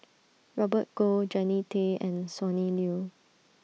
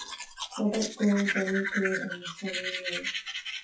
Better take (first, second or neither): first